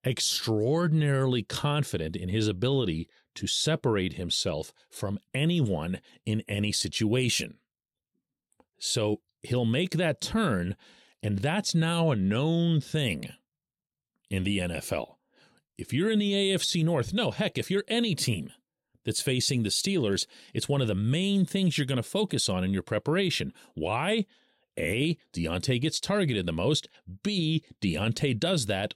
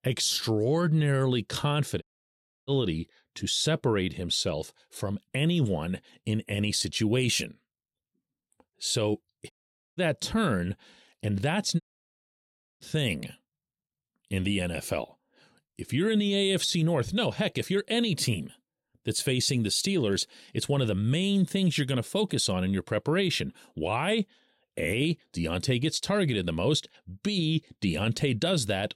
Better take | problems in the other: first | audio cutting out; at 2 s for 0.5 s, at 9.5 s and at 12 s for 1 s

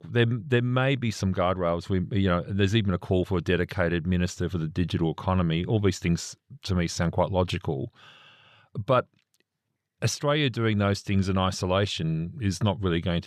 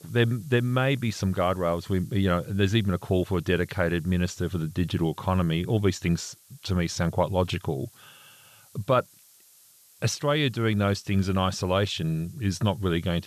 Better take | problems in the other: first | hiss; faint; throughout; 25 dB below the speech

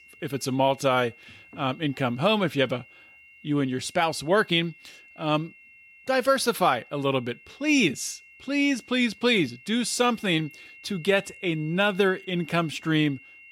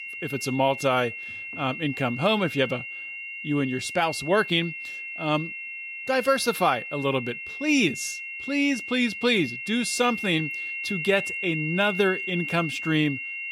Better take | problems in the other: first | high-pitched whine; loud; throughout; 2.5 kHz, 7 dB below the speech; faint in the first

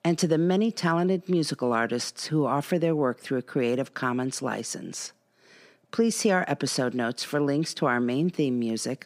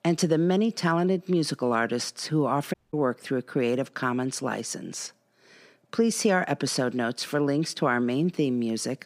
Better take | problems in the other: first | audio cutting out; at 2.5 s

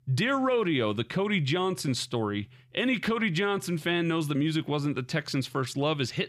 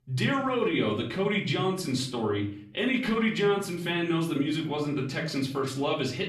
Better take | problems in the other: first | room echo; slight; dies away in 0.4 s // off-mic speech; far

